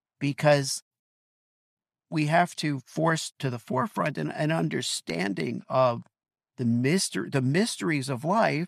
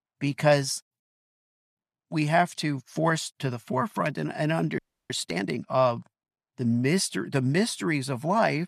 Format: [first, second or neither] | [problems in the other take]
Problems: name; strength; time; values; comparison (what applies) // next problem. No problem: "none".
first | audio freezing; at 5 s